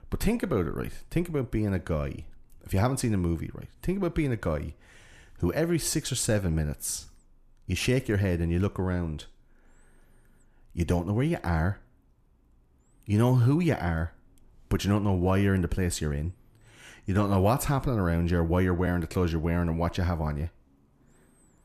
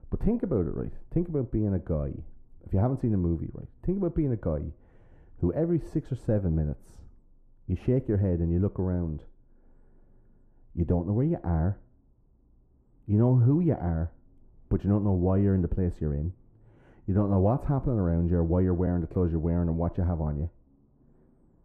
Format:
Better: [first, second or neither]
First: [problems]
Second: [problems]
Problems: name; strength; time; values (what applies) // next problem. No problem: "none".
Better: first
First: none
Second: muffled; very; fading above 1.5 kHz